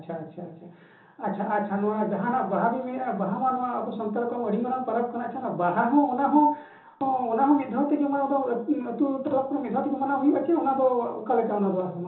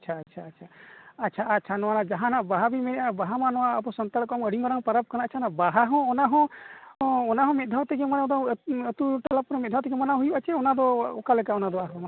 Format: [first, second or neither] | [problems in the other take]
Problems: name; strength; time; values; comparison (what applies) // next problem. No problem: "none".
second | room echo; dies away in 1.2 s